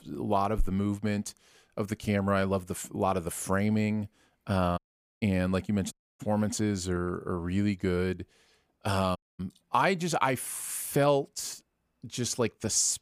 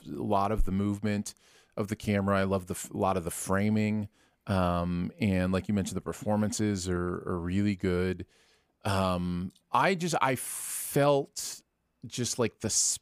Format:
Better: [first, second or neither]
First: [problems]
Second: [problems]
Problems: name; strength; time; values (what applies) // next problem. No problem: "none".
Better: second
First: audio cutting out; at 5 s, at 6 s and at 9 s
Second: none